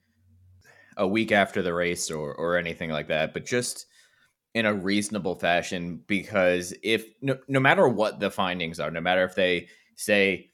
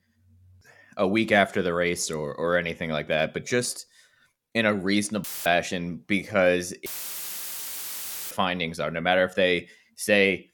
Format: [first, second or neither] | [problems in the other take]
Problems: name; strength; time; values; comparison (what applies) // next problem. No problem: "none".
first | audio cutting out; filled with static; at 5 s and at 7 s for 1.5 s